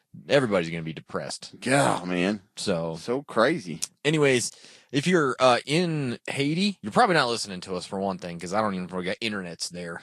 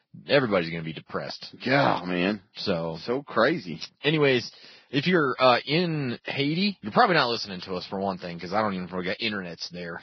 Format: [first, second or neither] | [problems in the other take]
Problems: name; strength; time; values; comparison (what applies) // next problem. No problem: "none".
first | garbled, watery; badly; nothing above 5 kHz; slightly in the first